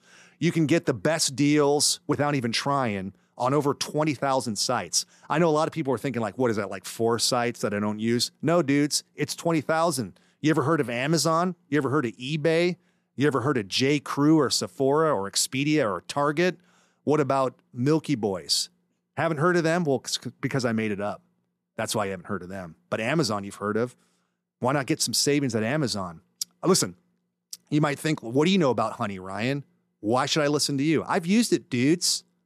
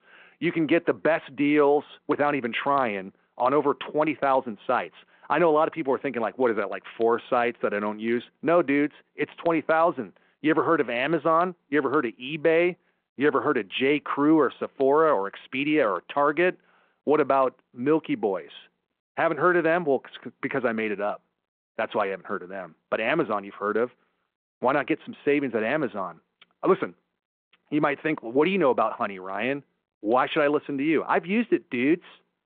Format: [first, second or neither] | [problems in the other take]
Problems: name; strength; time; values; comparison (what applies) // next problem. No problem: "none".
first | phone-call audio